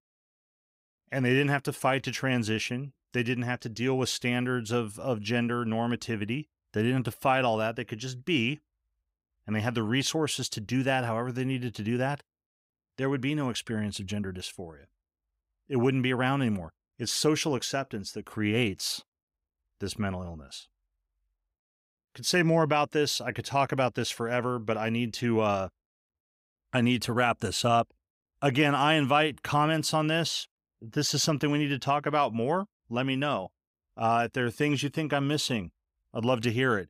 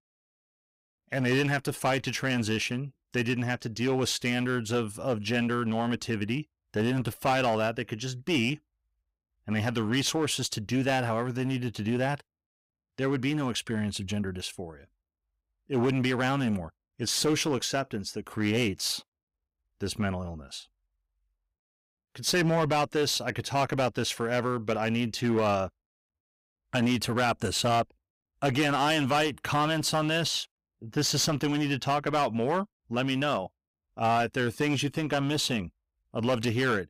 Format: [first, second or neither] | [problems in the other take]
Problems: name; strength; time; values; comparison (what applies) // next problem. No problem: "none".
first | distortion; slight; 7% of the sound clipped